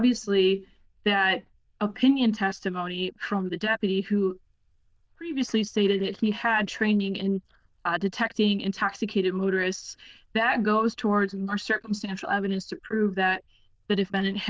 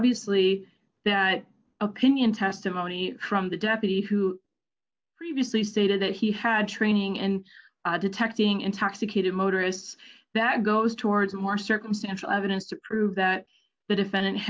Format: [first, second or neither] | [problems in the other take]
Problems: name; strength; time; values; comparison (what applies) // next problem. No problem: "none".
second | noise reduction (neural diffusion model UNIVERSE++)